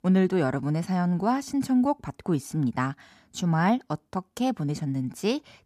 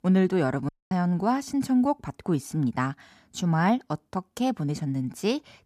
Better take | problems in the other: first | audio cutting out; at 0.5 s

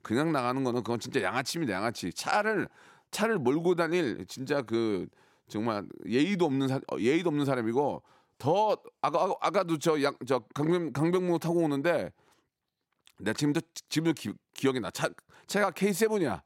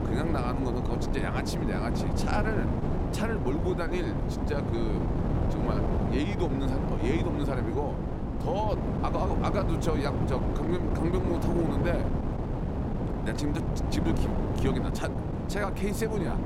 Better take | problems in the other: first | wind noise on the microphone; heavy; 1 dB below the speech

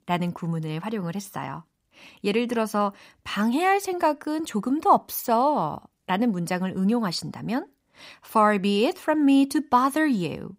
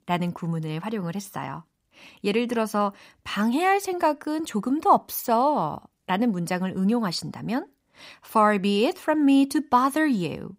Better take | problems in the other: neither | none

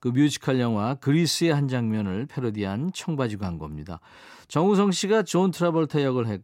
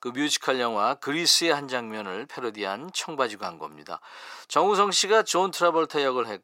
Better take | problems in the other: first | thin; very; fading below 600 Hz

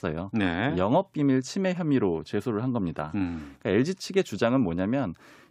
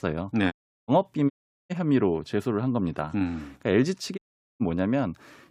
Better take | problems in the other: first | audio cutting out; at 0.5 s, at 1.5 s and at 4 s

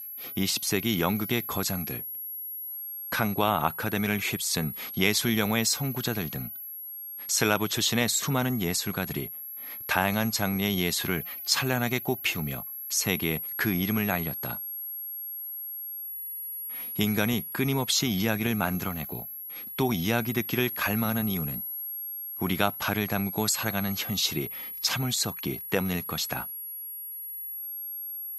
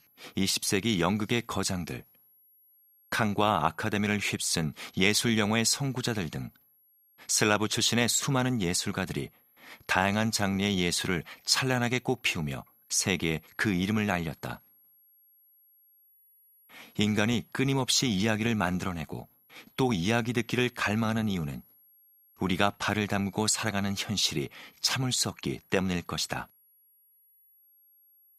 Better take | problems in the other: second | high-pitched whine; loud; throughout; 11.5 kHz, 7 dB below the speech; faint in the second

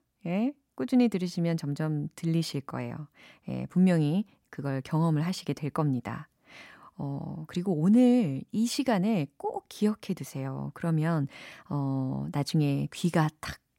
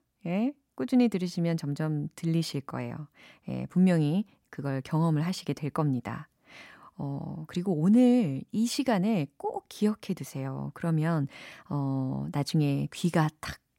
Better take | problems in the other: neither | none

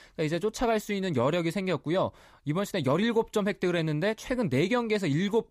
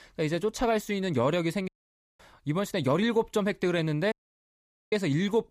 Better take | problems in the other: first | audio cutting out; at 1.5 s for 0.5 s and at 4 s for 1 s

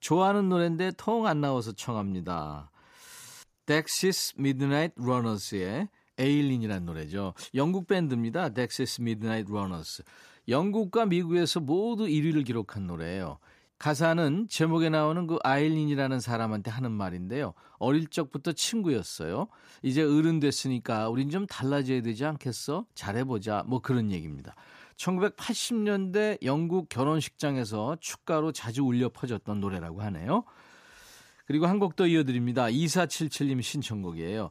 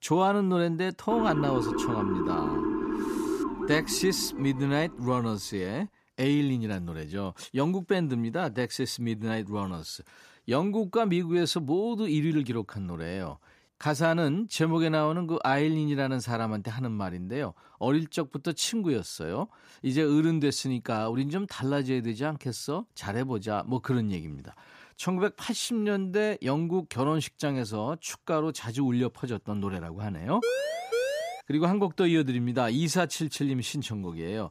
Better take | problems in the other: first | siren; noticeable; from 1 to 5 s and at 30 s; peak level with the speech

